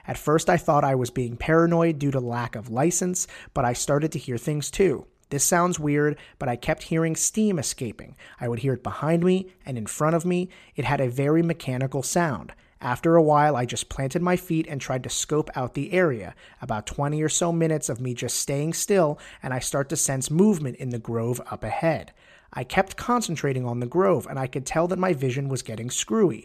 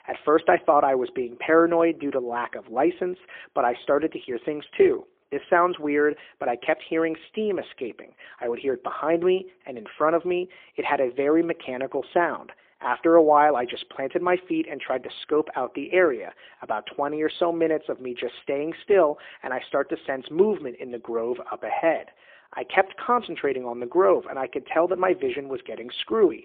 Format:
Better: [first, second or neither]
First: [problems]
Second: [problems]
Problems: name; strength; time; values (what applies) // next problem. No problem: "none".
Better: first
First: none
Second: phone-call audio; poor line; nothing above 3.5 kHz